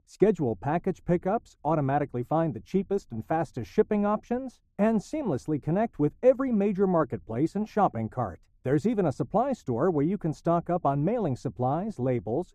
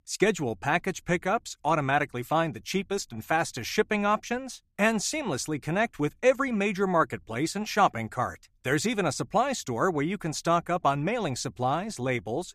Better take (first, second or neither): second